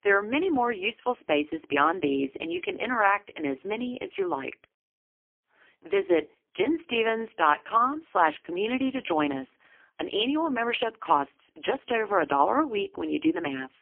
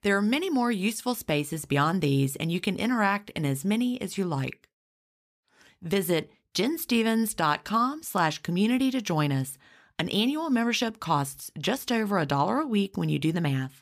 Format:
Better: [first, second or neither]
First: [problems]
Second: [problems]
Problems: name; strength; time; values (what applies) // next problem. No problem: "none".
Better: second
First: phone-call audio; poor line; nothing above 3.5 kHz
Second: none